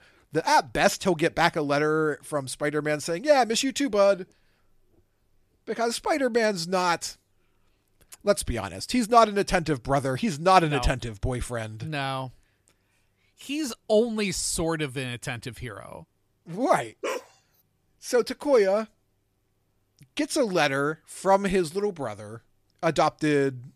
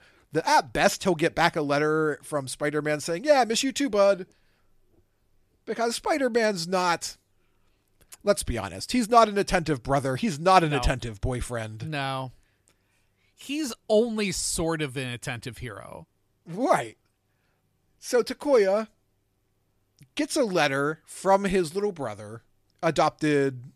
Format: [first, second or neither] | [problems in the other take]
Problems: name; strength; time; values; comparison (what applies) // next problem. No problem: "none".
second | dog barking; noticeable; at 17 s; peak 8 dB below the speech